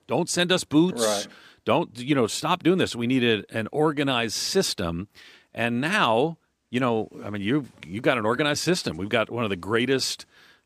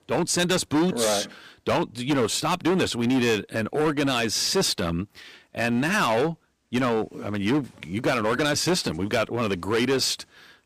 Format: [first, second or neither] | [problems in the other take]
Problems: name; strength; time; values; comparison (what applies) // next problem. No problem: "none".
first | distortion; heavy; 12% of the sound clipped